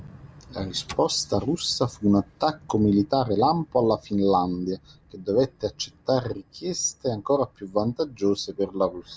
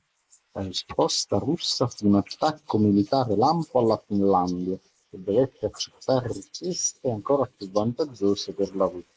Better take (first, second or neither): first